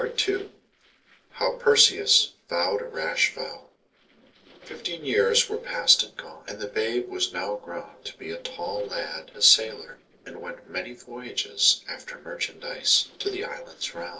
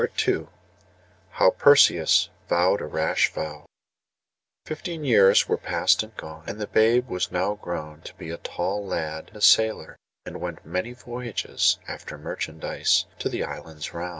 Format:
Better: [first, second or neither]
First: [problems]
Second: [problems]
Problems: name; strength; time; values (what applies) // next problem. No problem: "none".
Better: second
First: noise reduction (neural separator model SepFormer DNS4)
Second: none